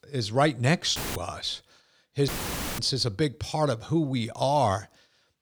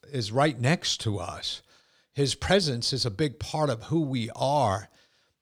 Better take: second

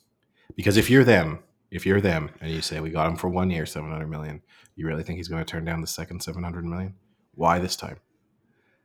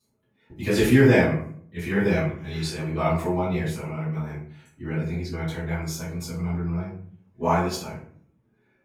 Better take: first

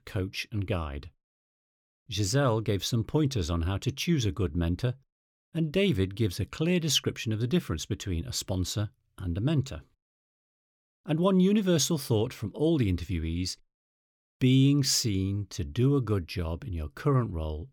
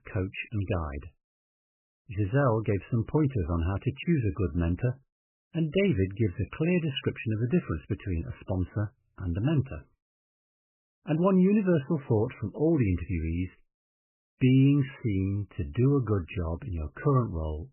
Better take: first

